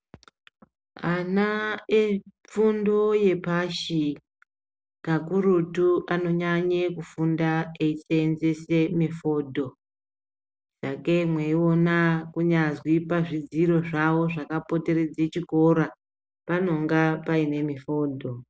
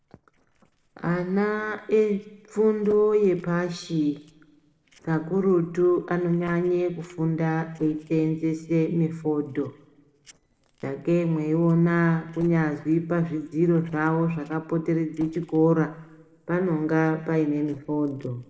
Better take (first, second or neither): first